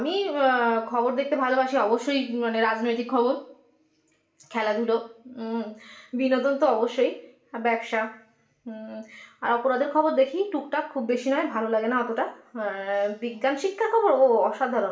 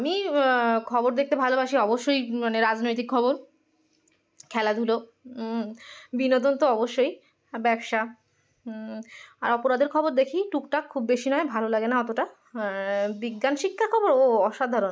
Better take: second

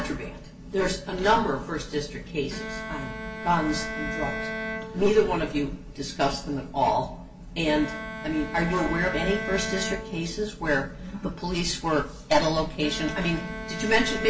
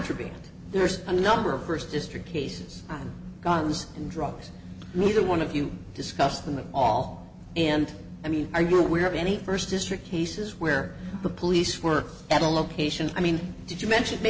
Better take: second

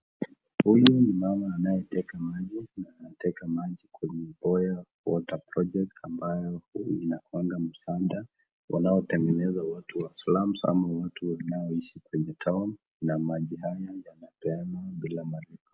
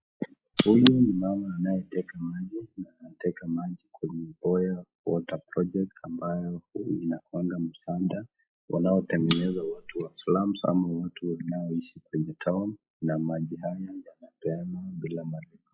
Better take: first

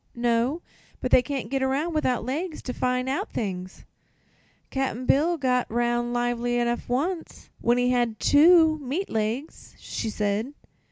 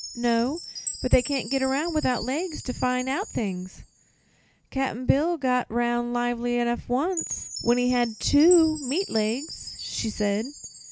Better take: first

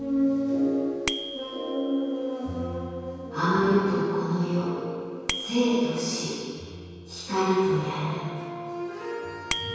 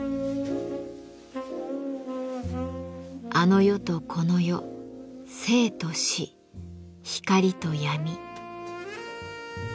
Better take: second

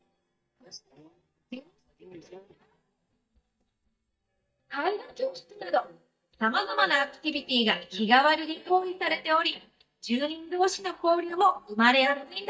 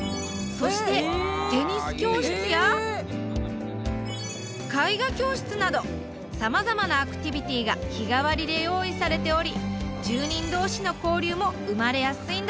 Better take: second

